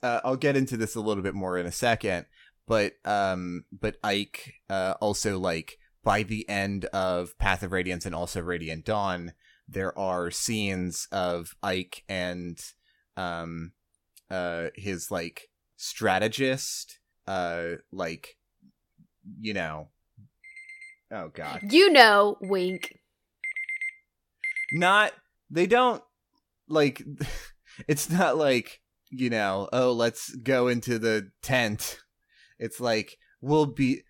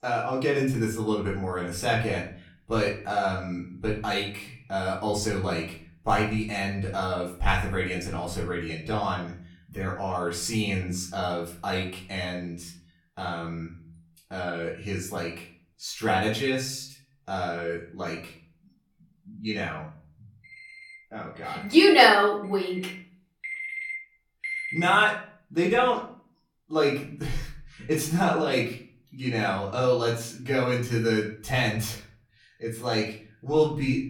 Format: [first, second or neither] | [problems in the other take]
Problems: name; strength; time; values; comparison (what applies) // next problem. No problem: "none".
first | off-mic speech; far // room echo; slight; dies away in 0.5 s